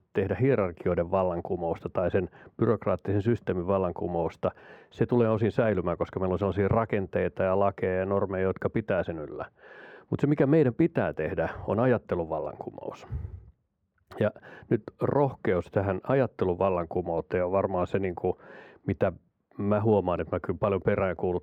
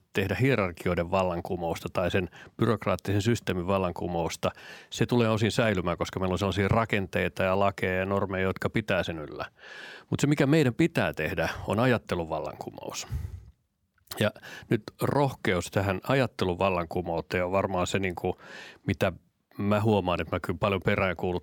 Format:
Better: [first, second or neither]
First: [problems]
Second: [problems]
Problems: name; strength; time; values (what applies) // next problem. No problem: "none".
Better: second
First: muffled; very; fading above 3 kHz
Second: none